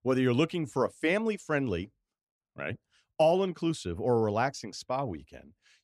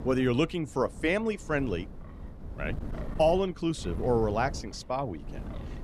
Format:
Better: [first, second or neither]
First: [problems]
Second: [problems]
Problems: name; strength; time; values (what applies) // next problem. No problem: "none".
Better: first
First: none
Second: wind noise on the microphone; occasional gusts; 20 dB below the speech